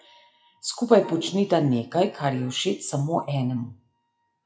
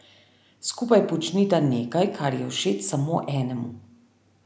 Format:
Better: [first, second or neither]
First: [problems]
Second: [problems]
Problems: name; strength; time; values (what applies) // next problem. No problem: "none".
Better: second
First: noise reduction (classical method WPE with log-MMSE)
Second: none